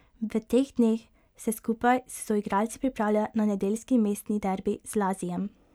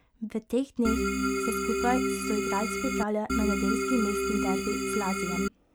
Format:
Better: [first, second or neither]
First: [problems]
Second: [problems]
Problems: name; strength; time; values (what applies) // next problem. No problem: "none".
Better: first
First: none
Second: background sound (Organ); 3 dB above the speech